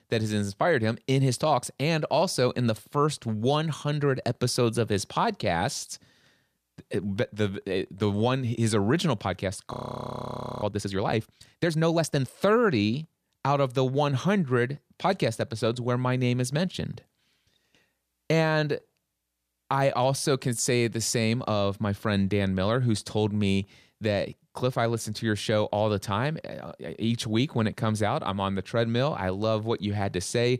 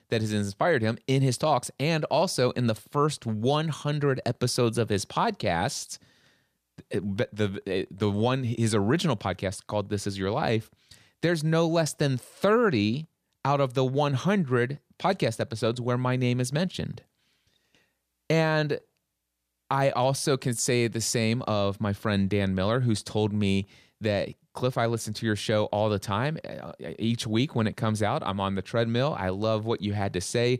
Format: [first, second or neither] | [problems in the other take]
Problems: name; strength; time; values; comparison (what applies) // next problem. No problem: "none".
second | audio freezing; at 9.5 s for 1 s